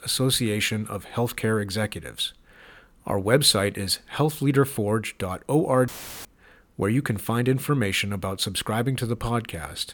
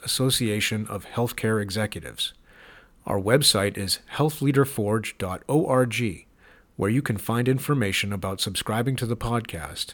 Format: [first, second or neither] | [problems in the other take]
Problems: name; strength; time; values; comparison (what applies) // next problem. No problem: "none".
second | audio cutting out; filled with static; at 6 s